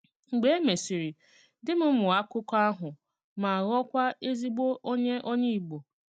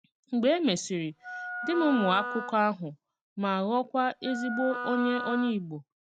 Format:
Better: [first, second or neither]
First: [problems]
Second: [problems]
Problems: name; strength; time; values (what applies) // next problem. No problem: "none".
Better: first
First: none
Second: background sound (Wind instrument, woodwind instrument); 7 dB below the speech